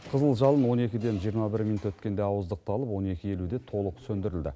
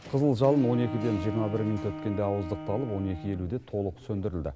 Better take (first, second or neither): first